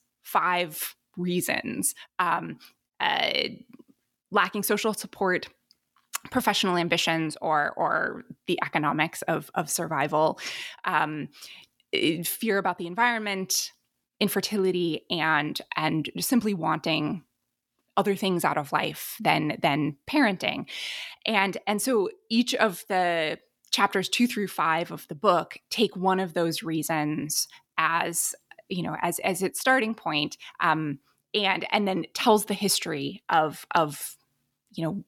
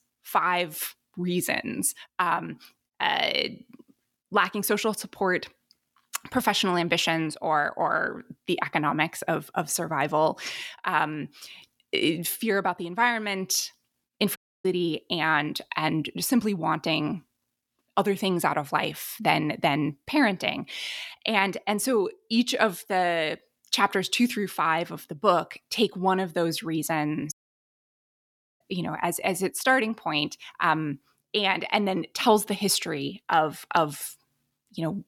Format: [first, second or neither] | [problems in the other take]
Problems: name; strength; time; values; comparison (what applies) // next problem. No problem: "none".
first | audio cutting out; at 14 s and at 27 s for 1.5 s